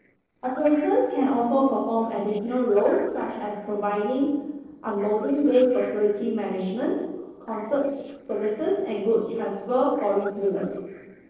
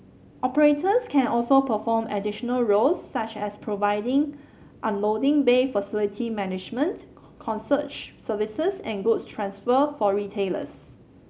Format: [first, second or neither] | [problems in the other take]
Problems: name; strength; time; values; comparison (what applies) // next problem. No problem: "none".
second | noise reduction (neural separator model SepFormer DNS4)